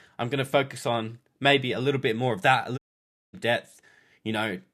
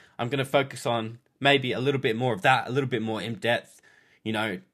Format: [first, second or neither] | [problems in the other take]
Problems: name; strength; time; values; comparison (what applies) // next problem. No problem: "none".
second | audio cutting out; at 3 s for 0.5 s